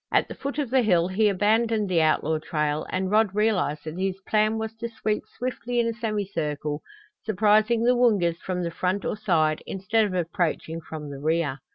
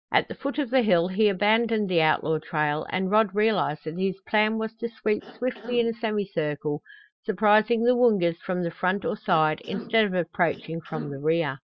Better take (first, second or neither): first